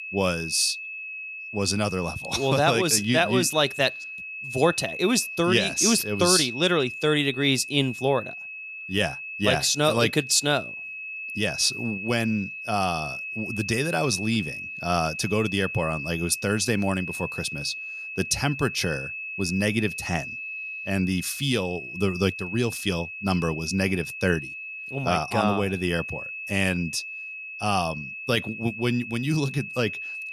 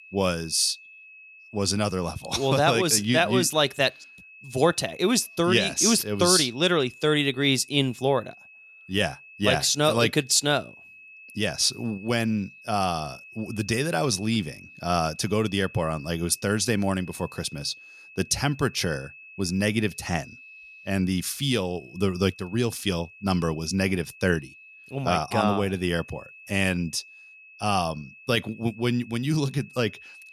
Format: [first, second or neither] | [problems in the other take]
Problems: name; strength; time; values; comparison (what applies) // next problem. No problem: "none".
second | high-pitched whine; loud; throughout; 2.5 kHz, 8 dB below the speech; faint in the second